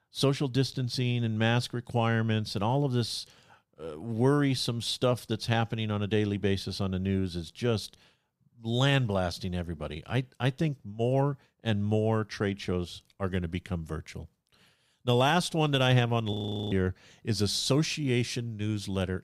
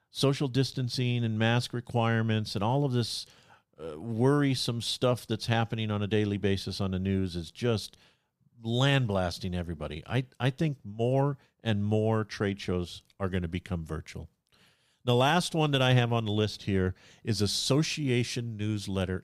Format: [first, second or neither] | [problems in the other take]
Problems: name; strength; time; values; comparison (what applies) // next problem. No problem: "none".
second | audio freezing; at 16 s